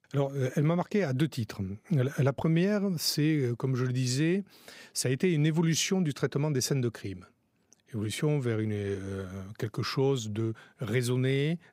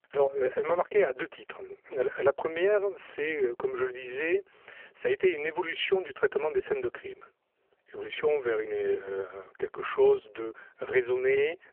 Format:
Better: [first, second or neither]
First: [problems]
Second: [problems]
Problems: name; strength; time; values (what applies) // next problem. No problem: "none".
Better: first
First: none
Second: phone-call audio; poor line; nothing above 3 kHz